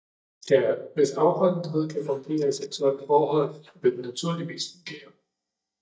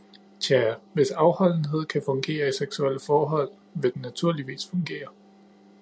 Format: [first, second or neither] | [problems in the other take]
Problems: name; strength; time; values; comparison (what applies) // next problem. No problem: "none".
second | noise reduction (neural mask model DeepFilterNet 3)